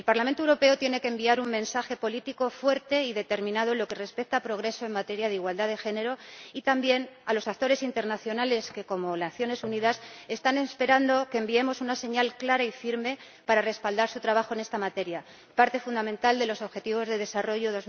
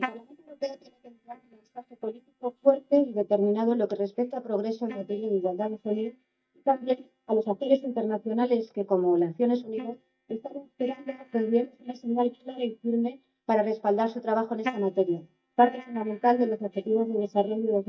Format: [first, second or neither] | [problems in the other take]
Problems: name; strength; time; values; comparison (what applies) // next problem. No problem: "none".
first | noise reduction (neural mask model DeepFilterNet 3)